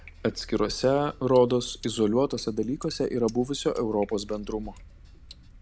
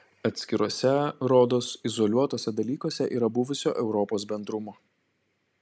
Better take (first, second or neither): second